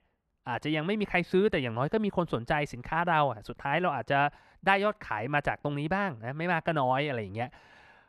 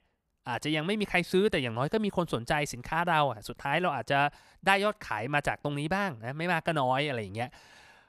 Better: second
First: muffled; slightly; fading above 4 kHz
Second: none

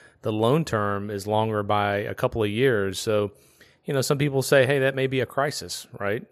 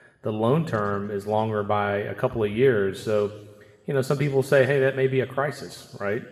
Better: first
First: none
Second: room echo; slight; dies away in 1.1 s

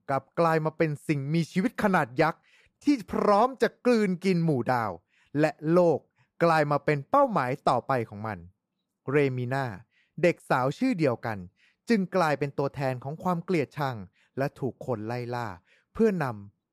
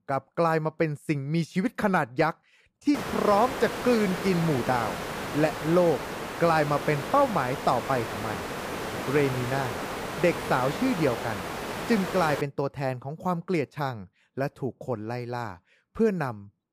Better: first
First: none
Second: hiss; loud; from 3 to 12 s; 6 dB below the speech

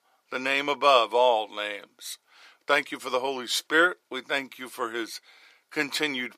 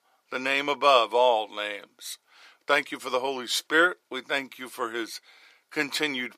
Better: neither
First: thin; somewhat; fading below 400 Hz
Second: thin; somewhat; fading below 400 Hz

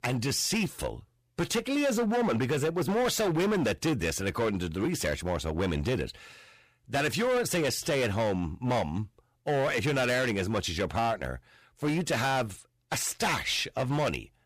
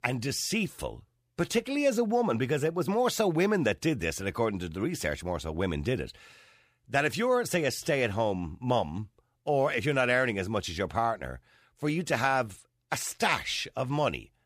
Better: second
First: distortion; heavy; 15% of the sound clipped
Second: none

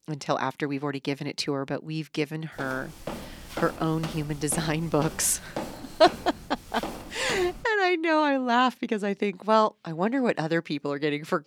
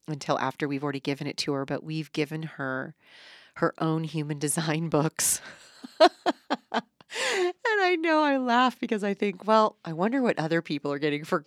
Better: second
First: footsteps; noticeable; from 2.5 to 7.5 s; peak 10 dB below the speech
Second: none

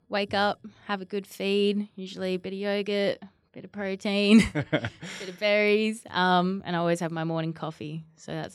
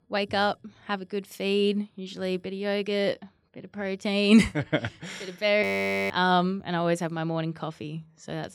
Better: first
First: none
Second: audio freezing; at 5.5 s

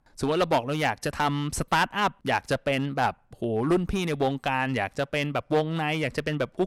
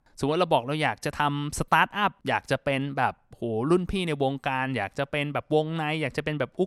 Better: second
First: distortion; slight; 5% of the sound clipped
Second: none

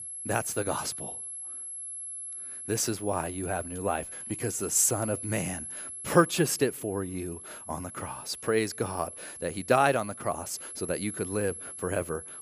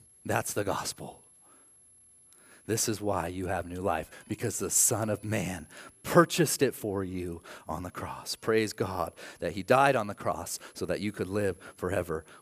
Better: second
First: high-pitched whine; loud; throughout; 11 kHz, 8 dB below the speech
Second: high-pitched whine; faint; throughout; 11 kHz, 30 dB below the speech

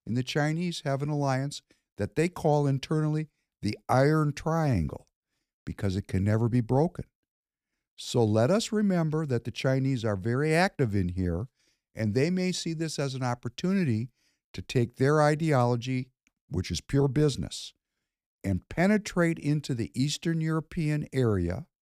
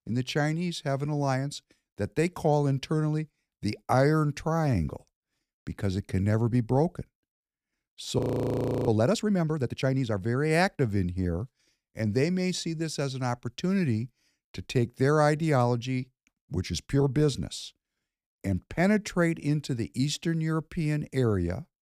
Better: first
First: none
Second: audio freezing; at 8 s for 0.5 s

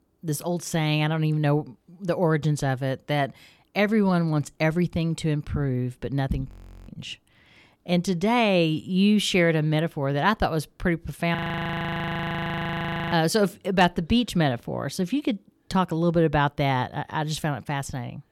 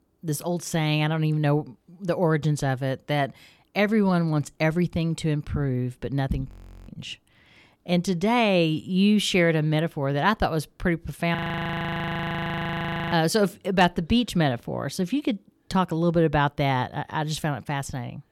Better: neither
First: audio freezing; at 6.5 s and at 11 s for 2 s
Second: audio freezing; at 6.5 s and at 11 s for 2 s

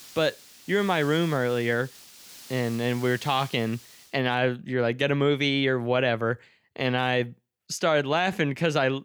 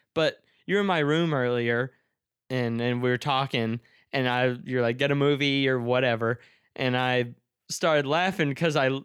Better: second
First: hiss; noticeable; until 4 s; 20 dB below the speech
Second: none

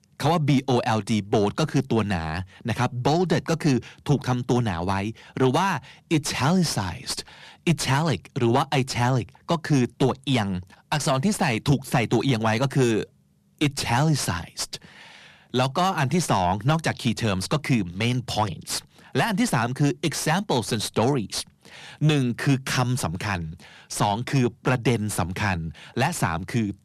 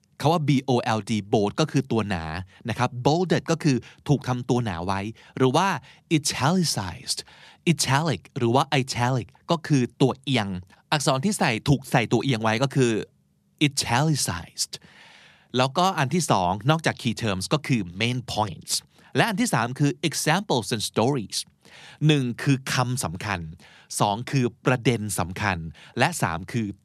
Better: second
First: distortion; slight; 10 dB below the speech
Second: none

